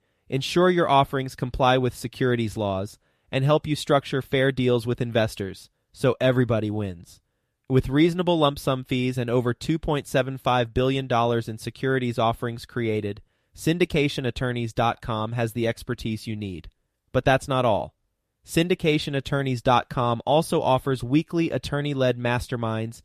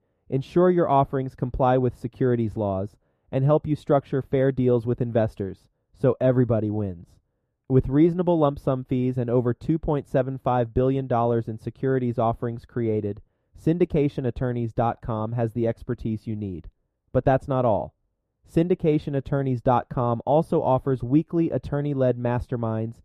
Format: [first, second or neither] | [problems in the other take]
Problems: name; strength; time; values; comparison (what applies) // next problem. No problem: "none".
first | muffled; very; fading above 1.5 kHz